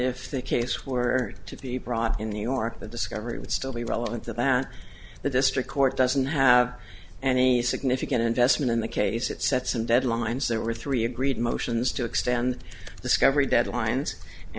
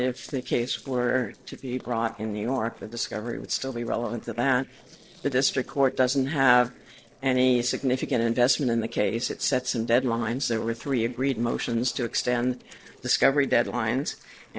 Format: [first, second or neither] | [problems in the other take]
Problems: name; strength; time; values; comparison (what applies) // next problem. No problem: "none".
first | noise reduction (neural separator model SepFormer DNS4)